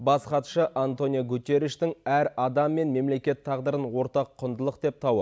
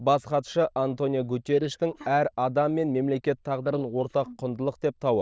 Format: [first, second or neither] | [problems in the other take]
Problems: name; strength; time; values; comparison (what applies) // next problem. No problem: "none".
first | noise reduction (neural diffusion model UNIVERSE++)